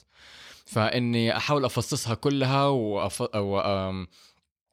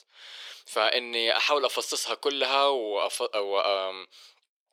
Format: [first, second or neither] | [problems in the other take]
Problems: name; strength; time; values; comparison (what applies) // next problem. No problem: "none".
first | thin; very; fading below 400 Hz